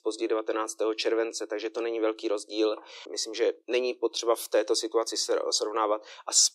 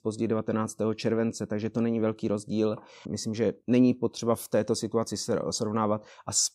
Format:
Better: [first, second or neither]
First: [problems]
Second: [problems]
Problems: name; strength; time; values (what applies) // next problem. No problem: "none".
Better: second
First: thin; very; fading below 300 Hz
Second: none